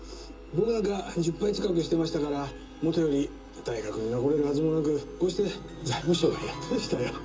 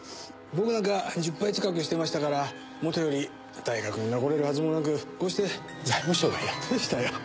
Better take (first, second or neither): second